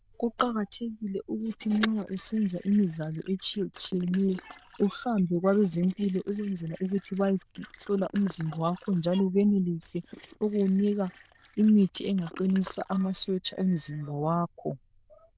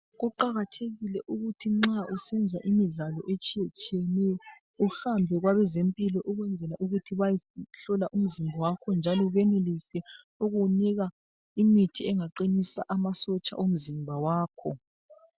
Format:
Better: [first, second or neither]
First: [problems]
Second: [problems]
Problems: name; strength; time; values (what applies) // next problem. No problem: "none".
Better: second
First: noise reduction (neural diffusion model UNIVERSE++)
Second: none